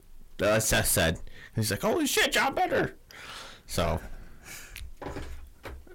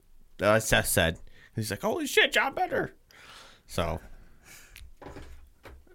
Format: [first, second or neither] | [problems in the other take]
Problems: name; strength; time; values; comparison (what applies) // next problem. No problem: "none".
second | distortion; heavy; 6 dB below the speech